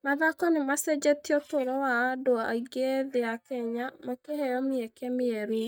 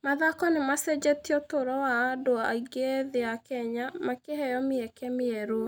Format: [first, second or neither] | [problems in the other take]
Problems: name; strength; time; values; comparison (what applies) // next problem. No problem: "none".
second | noise reduction (neural mask model DeepFilterNet 3)